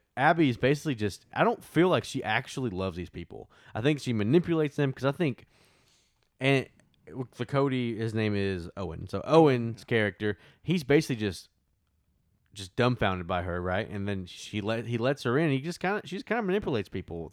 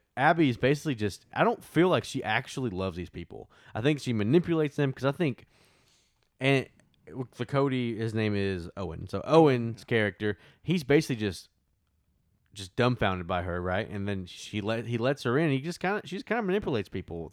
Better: neither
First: none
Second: none

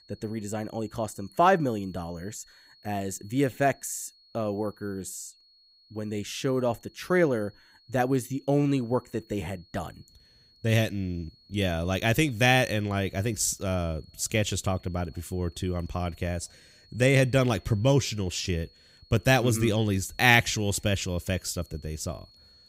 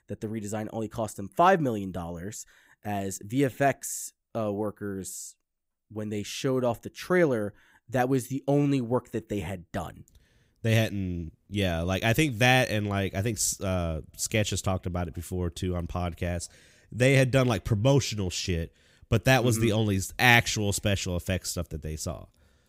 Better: second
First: high-pitched whine; faint; throughout; 4.5 kHz, 30 dB below the speech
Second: none

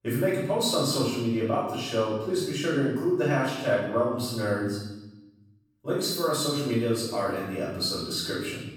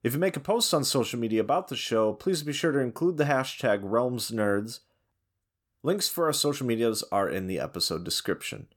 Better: second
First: off-mic speech; far // room echo; noticeable; dies away in 0.9 s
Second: none

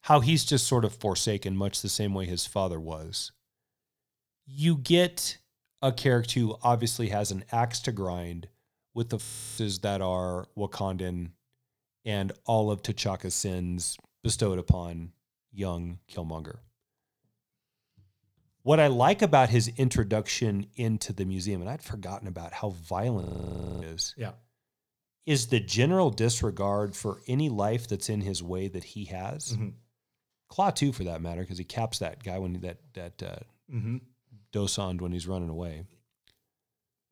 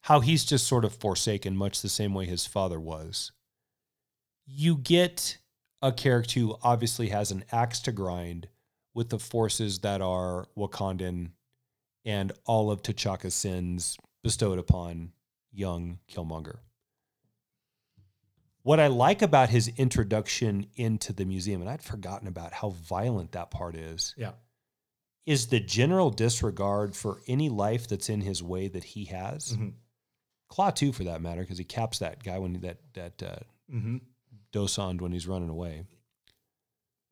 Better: second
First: audio freezing; at 9 s and at 23 s for 0.5 s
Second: none

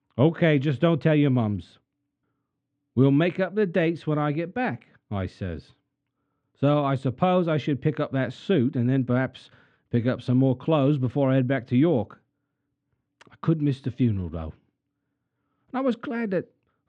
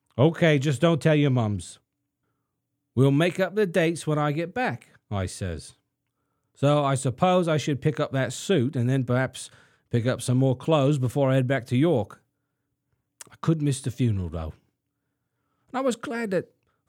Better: second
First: muffled; slightly; fading above 3.5 kHz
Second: none

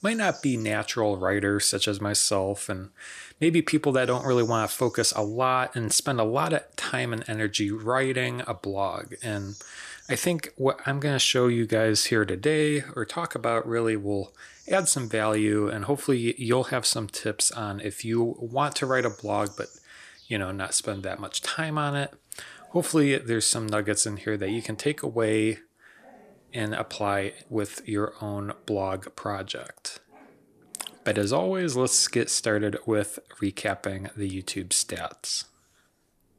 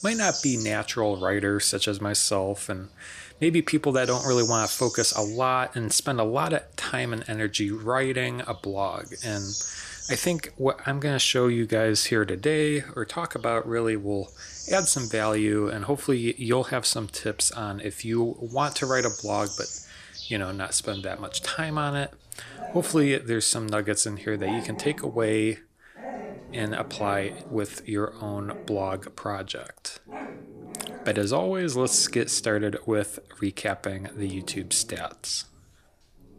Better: first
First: animal sounds; faint; throughout; 25 dB below the speech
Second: animal sounds; loud; throughout; 9 dB below the speech

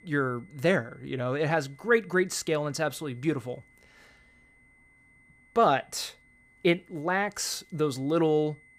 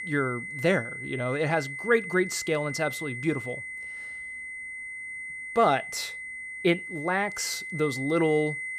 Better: first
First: high-pitched whine; faint; throughout; 2 kHz, 30 dB below the speech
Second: high-pitched whine; loud; throughout; 2 kHz, 7 dB below the speech

